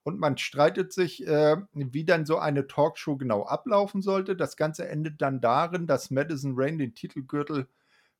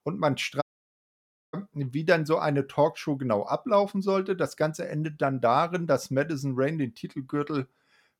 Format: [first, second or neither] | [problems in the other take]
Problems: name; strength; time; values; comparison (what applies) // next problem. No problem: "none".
first | audio cutting out; at 0.5 s for 1 s